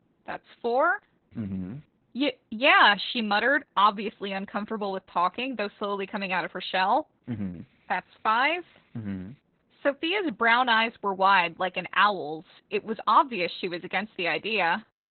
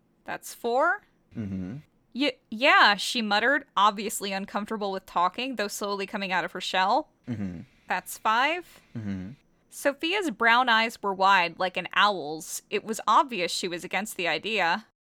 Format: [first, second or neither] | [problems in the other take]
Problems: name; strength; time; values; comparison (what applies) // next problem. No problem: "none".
second | garbled, watery; badly; nothing above 4 kHz